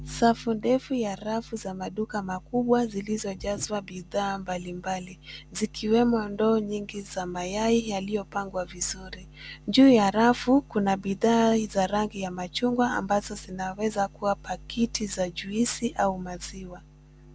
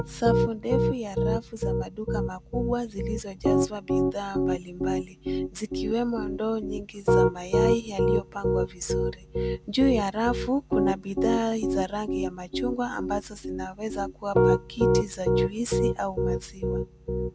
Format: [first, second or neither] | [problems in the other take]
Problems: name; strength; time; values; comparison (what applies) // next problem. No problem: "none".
first | background sound (Piano); 4 dB above the speech